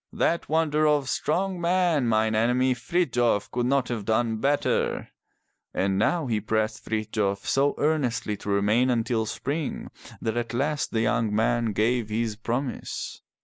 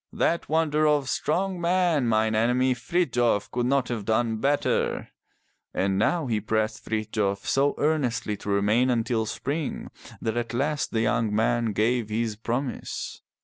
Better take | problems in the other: second | noise reduction (neural mask model Resemble Enhance denoiser)

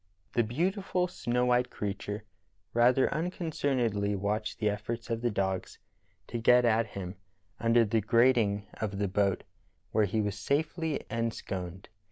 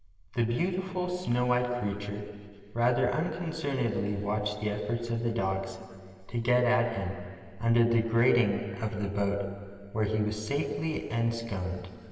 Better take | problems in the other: first | room echo; dies away in 2.5 s

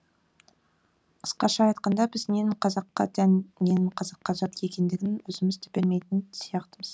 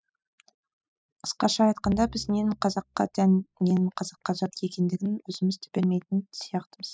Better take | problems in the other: first | noise reduction (classical method spectral subtraction)

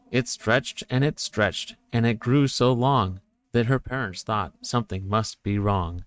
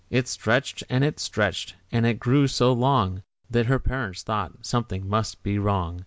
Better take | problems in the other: second | noise reduction (neural mask model RNNoise)

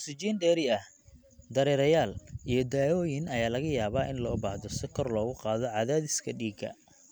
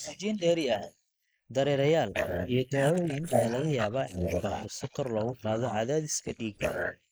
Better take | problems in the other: first | noise reduction (neural mask model Resemble Enhance denoiser)

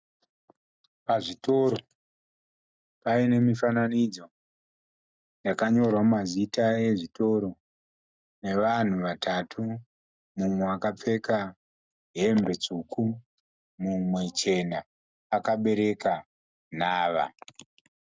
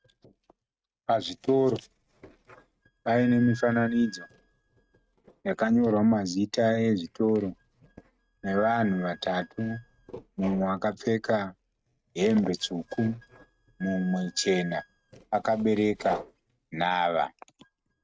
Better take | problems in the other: first | noise reduction (neural mask model RNNoise)

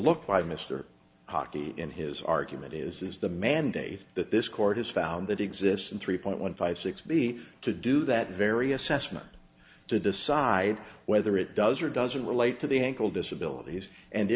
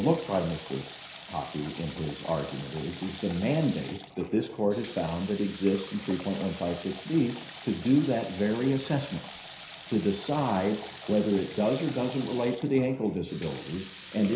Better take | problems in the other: first | background sound (Water tap, faucet / Water); 15 dB below the speech // room echo; dies away in 0.5 s

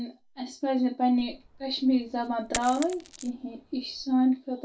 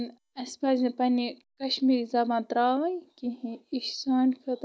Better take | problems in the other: second | background sound (Coin (dropping)); 15 dB below the speech // room echo; dies away in 0.2 s

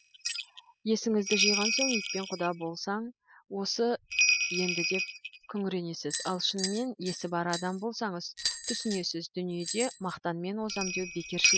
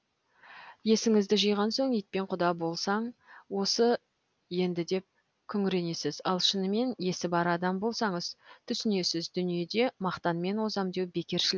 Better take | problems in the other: second | noise reduction (classical method spectral subtraction)

